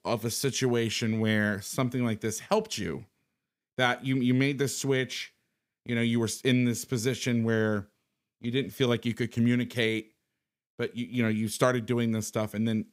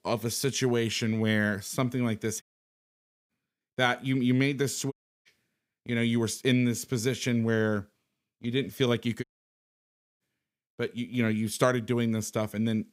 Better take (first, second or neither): first